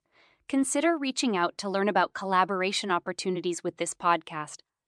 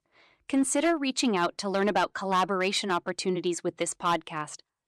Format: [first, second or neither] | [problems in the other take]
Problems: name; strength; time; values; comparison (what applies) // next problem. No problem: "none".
first | distortion; slight; 3% of the sound clipped